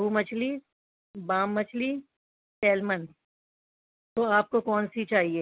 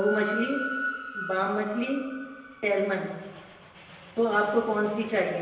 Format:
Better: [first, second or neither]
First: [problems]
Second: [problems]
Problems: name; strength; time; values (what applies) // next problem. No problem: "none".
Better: first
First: none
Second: background sound (Train); 9 dB below the speech // room echo; dies away in 1 s